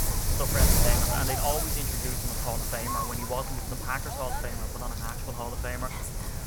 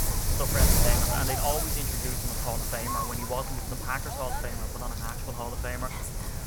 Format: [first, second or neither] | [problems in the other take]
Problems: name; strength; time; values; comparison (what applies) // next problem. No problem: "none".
neither | wind noise on the microphone; heavy; 2 dB above the speech; the same in both